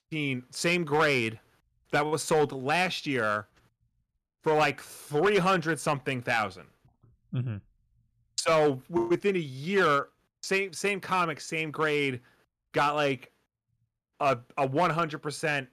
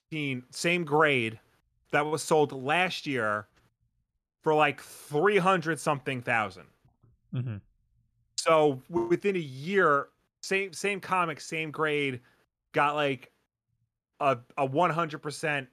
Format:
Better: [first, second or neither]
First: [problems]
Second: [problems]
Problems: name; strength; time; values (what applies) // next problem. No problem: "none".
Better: second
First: distortion; slight; 3% of the sound clipped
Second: none